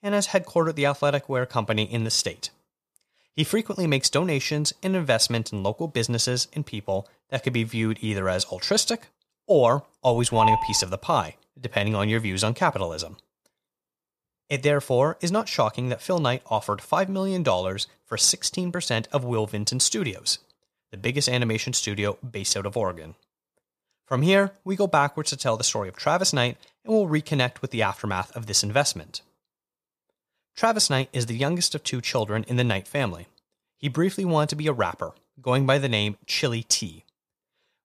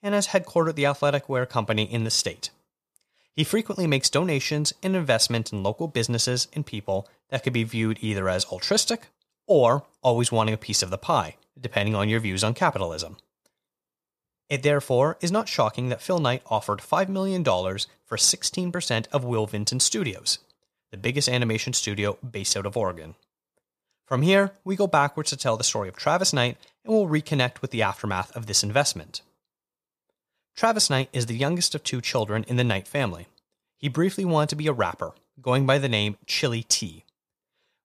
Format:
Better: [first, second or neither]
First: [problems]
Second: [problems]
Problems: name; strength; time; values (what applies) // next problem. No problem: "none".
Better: second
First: phone ringing; loud; at 10 s; peak 3 dB above the speech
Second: none